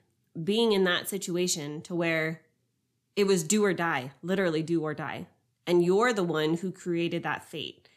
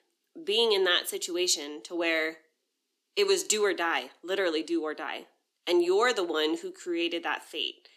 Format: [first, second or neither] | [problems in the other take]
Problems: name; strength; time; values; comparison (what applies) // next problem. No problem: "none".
first | thin; very; fading below 300 Hz